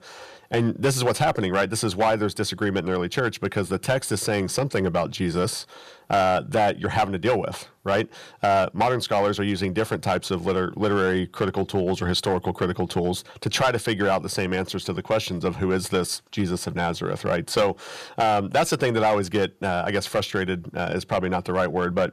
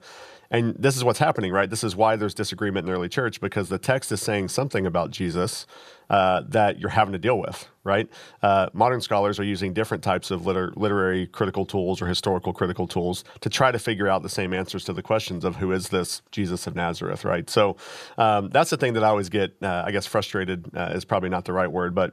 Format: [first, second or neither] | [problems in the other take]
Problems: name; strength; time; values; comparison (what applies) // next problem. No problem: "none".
second | distortion; slight; 4% of the sound clipped